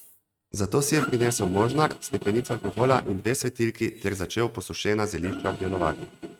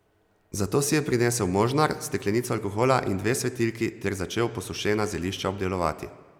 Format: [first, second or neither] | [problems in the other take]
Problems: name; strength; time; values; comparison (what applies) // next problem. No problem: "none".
second | noise reduction (neural mask model RNNoise)